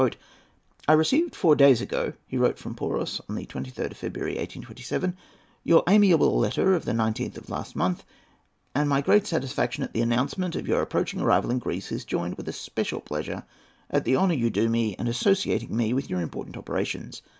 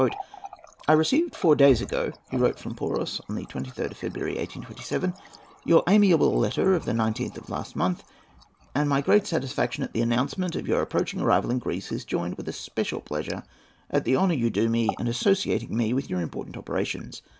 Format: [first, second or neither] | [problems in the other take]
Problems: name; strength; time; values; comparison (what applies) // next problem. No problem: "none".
first | background sound (Water tap, faucet); 20 dB below the speech